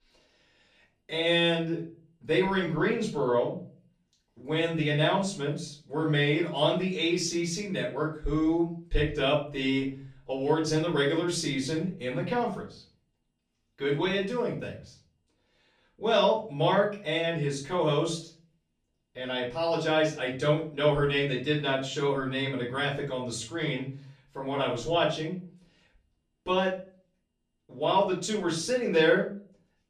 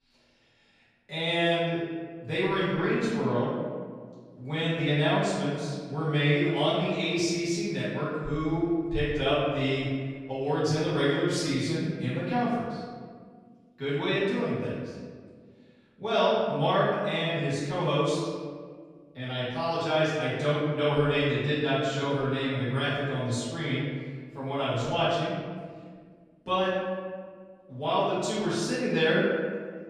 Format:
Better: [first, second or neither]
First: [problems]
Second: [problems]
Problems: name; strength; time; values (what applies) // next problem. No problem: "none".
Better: first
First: room echo; slight; dies away in 0.4 s // off-mic speech; far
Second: room echo; strong; dies away in 1.6 s // off-mic speech; far